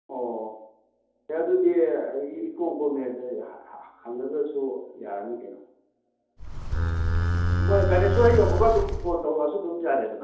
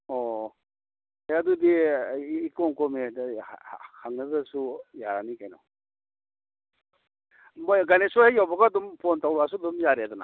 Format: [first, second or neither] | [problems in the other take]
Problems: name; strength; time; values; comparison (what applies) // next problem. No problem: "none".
second | background sound (Livestock, farm animals, working animals); 3 dB above the speech // room echo; dies away in 2.2 s